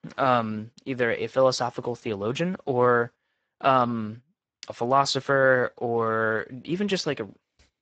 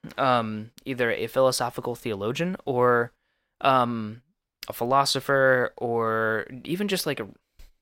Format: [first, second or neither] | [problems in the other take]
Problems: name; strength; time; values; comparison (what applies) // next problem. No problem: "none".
second | garbled, watery; badly; nothing above 7.5 kHz